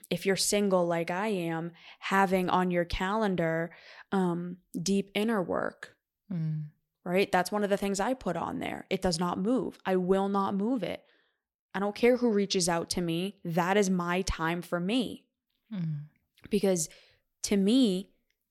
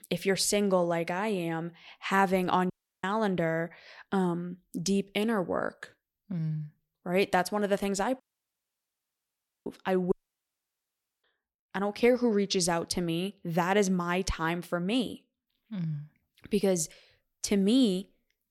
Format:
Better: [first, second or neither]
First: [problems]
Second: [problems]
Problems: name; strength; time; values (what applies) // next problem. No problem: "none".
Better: first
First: none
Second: audio cutting out; at 2.5 s, at 8 s for 1.5 s and at 10 s for 1 s